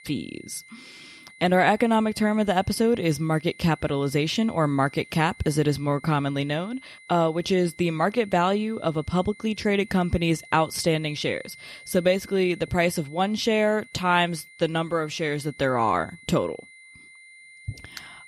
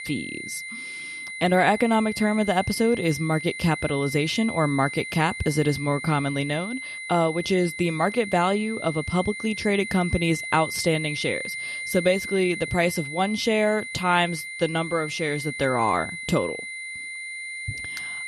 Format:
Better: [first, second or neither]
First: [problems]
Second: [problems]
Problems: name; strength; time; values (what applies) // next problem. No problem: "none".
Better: first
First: high-pitched whine; faint; throughout; 2 kHz, 20 dB below the speech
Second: high-pitched whine; loud; throughout; 2 kHz, 8 dB below the speech